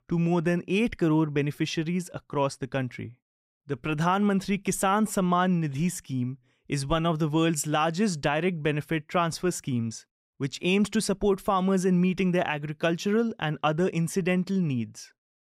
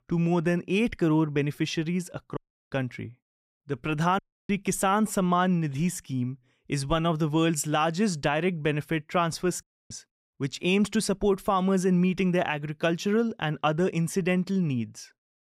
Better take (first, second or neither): first